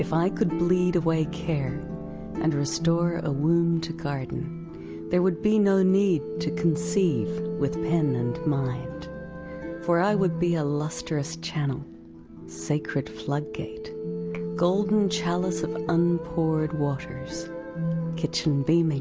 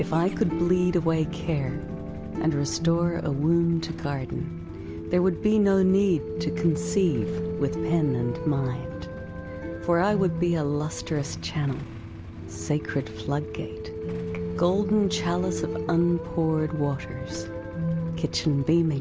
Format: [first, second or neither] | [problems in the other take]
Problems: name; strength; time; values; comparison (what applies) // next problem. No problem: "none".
first | background sound (Idling / Engine starting / Motorcycle / Accelerating, revving, vroom); 15 dB below the speech